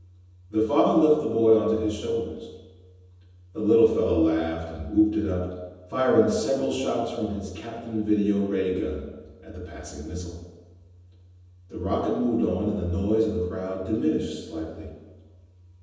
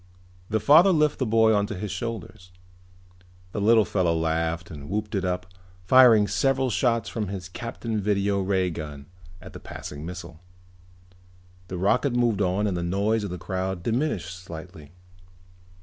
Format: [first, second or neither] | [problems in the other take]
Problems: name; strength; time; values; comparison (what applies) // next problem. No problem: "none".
second | room echo; dies away in 1.1 s